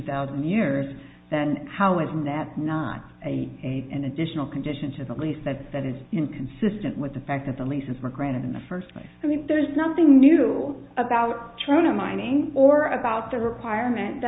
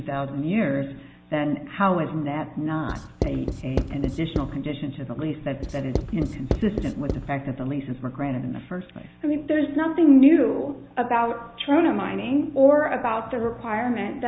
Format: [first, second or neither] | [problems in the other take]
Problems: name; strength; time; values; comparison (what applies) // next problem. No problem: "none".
first | background sound (Writing); 6 dB below the speech